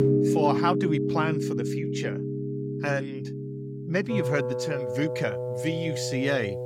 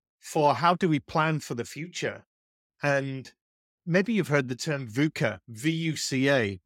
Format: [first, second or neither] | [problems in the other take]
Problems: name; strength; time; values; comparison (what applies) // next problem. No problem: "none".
second | background music; very loud; throughout; 1 dB above the speech